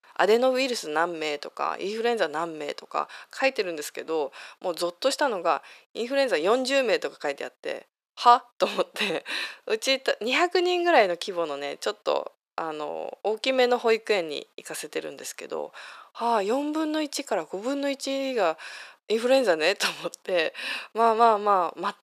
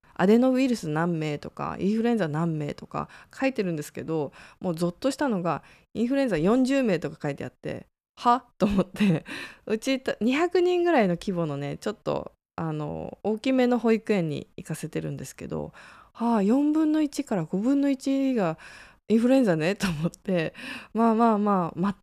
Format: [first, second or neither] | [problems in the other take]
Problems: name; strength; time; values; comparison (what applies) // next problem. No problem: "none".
second | thin; very; fading below 450 Hz